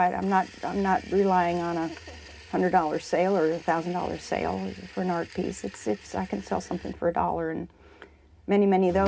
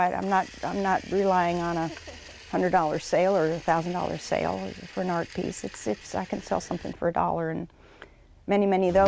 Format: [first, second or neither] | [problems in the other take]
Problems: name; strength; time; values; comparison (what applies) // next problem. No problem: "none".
second | room echo; dies away in 0.3 s